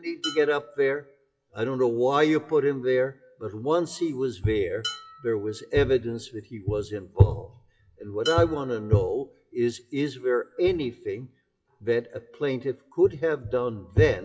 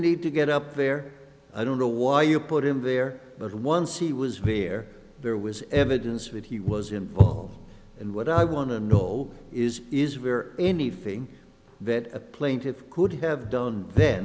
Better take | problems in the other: second | noise reduction (classical method WPE with log-MMSE)

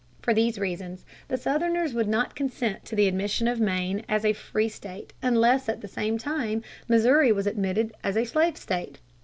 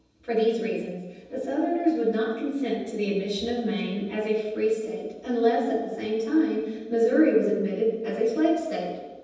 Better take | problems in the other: first | room echo; dies away in 1.1 s

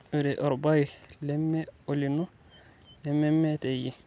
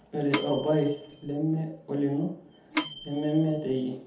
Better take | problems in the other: first | background sound (Microwave oven / Bell); 8 dB below the speech // room echo; dies away in 0.6 s

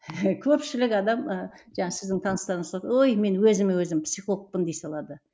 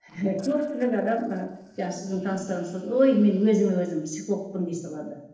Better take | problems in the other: first | noise reduction (neural separator model SepFormer DNS4)

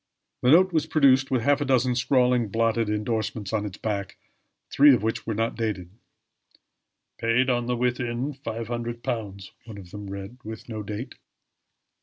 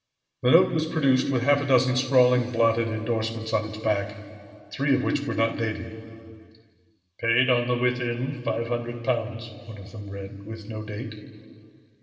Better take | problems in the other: first | room echo; dies away in 2.4 s

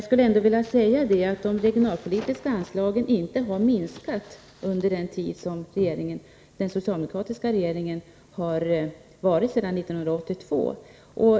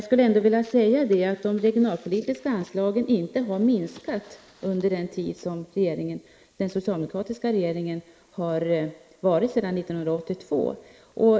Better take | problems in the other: first | noise reduction (neural mask model Resemble Enhance denoiser)

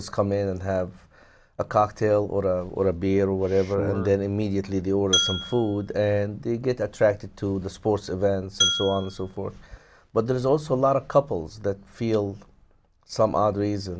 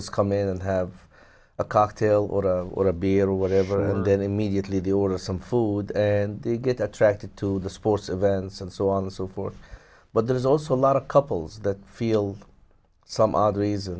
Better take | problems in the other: second | background sound (Glass); 4 dB below the speech

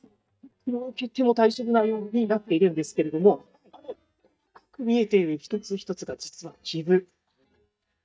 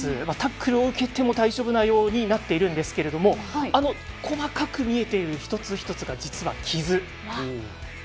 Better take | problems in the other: second | noise reduction (neural mask model DeepFilterNet 3)

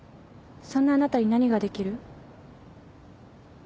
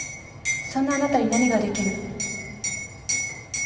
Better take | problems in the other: first | background sound (Liquid); 5 dB below the speech // room echo; dies away in 2.1 s

